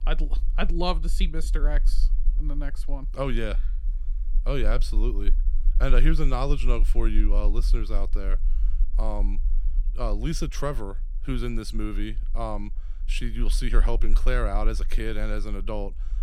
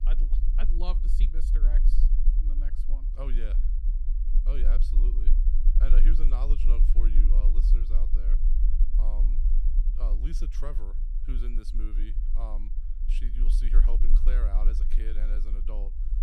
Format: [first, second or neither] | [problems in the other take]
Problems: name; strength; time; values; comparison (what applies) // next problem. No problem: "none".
first | low rumble; loud; throughout; 6 dB below the speech; faint in the first